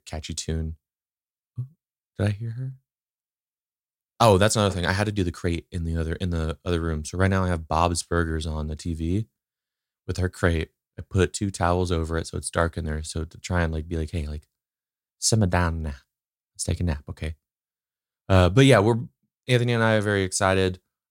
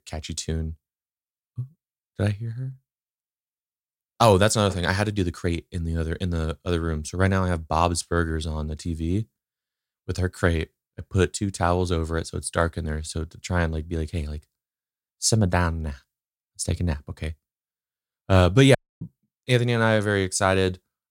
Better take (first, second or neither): first